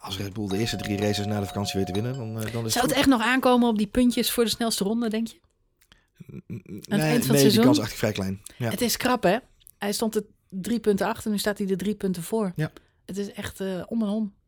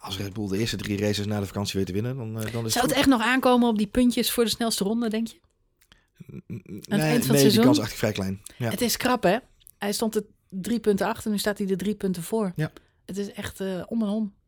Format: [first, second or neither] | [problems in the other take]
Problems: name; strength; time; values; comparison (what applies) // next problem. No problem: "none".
second | alarms or sirens; very faint; until 4.5 s; 15 dB below the speech